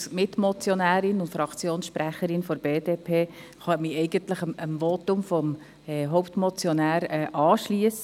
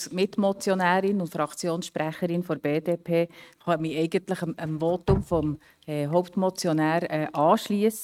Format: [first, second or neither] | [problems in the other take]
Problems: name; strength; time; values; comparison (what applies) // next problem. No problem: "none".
first | noise reduction (neural mask model RNNoise)